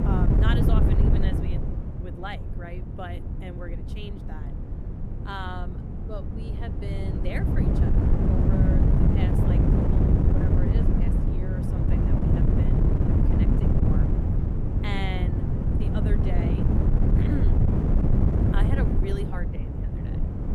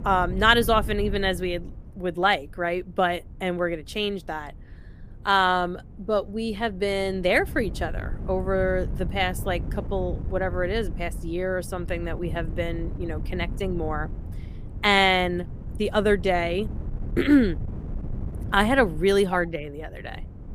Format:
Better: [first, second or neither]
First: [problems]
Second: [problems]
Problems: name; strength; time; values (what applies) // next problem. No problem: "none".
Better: second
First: wind noise on the microphone; heavy; 5 dB above the speech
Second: wind noise on the microphone; occasional gusts; 20 dB below the speech